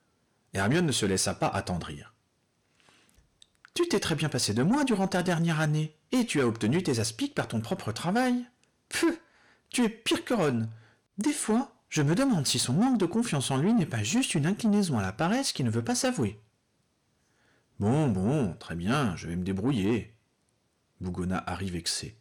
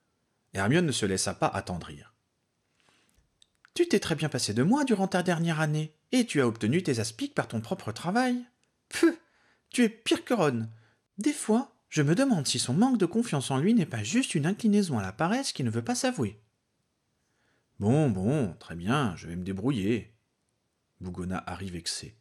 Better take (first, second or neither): second